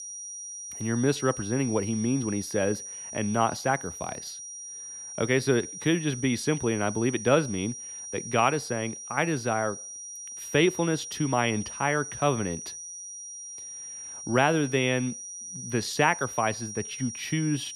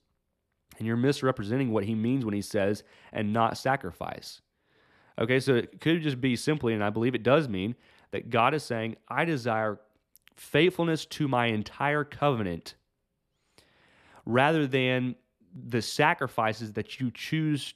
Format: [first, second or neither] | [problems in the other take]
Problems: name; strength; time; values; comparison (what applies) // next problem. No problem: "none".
second | high-pitched whine; loud; throughout; 5.5 kHz, 9 dB below the speech